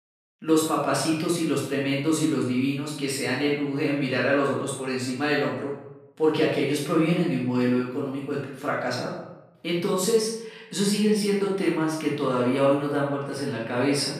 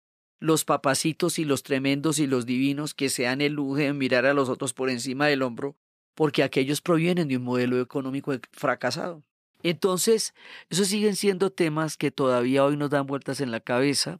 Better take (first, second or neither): second